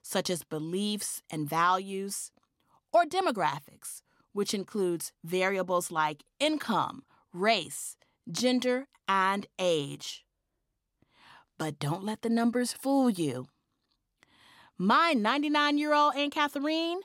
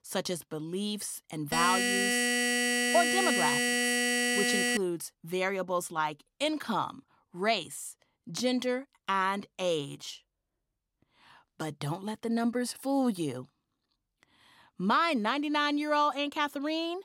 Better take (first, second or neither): first